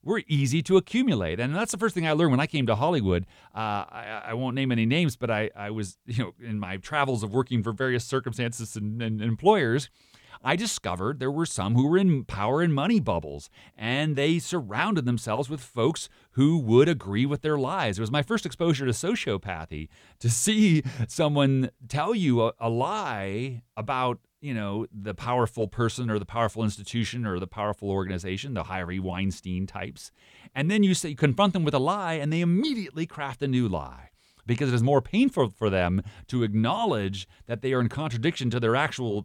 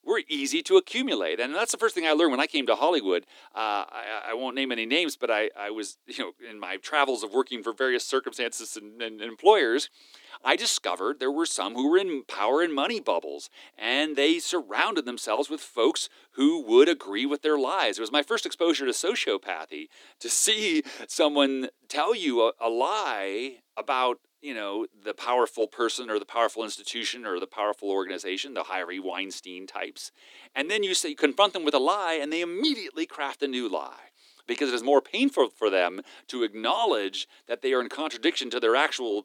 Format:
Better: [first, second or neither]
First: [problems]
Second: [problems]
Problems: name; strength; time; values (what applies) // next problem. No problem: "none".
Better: first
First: none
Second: thin; somewhat; fading below 300 Hz